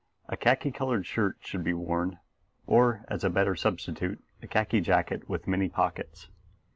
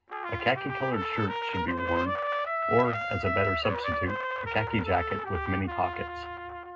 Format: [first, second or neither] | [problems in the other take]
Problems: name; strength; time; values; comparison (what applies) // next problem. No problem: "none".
first | background sound (Trumpet); 2 dB below the speech // room echo; dies away in 0.2 s